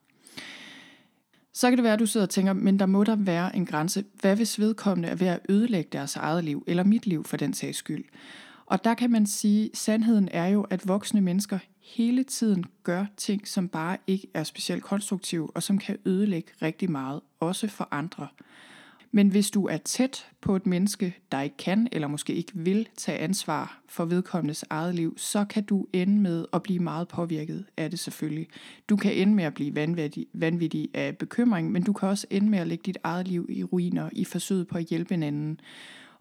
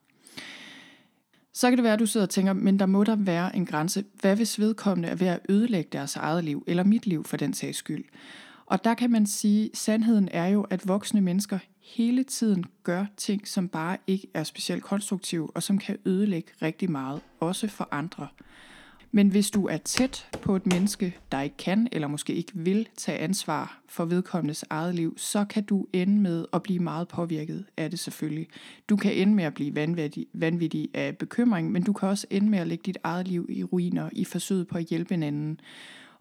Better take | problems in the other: first | footsteps; noticeable; from 20 to 21 s; peak 6 dB below the speech

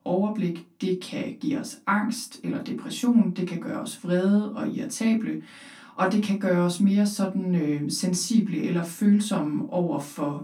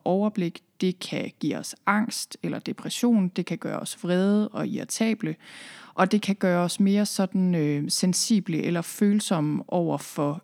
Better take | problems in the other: second | off-mic speech; far // room echo; very slight; dies away in 0.2 s

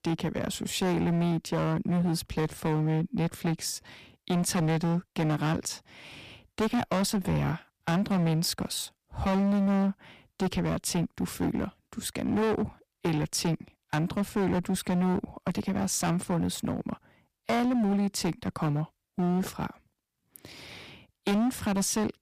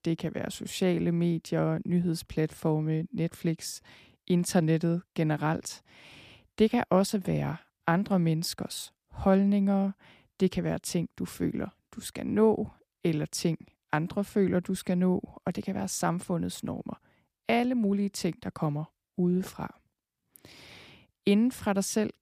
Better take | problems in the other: second | distortion; heavy; 17% of the sound clipped

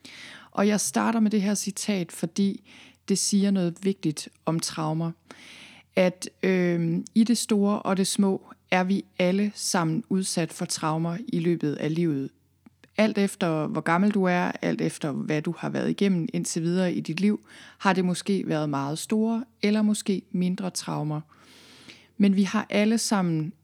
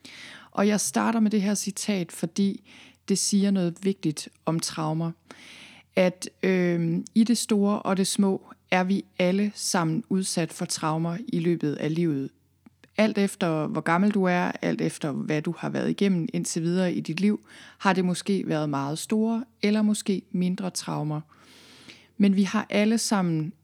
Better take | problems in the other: neither | none

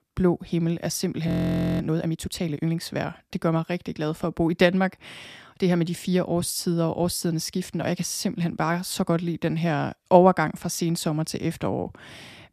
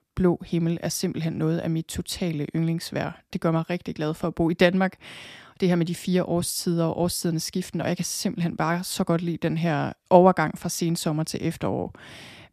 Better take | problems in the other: second | audio freezing; at 1.5 s for 0.5 s

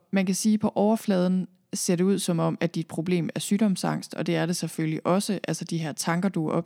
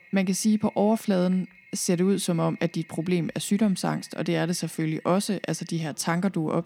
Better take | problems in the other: first | household noises; faint; throughout; 25 dB below the speech

